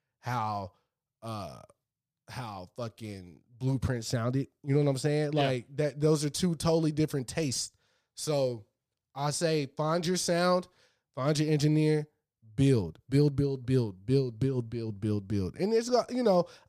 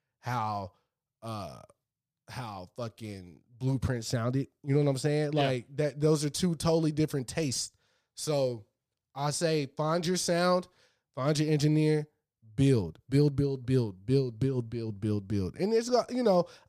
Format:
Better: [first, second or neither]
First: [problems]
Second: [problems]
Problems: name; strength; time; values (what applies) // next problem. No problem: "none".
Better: neither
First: none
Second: none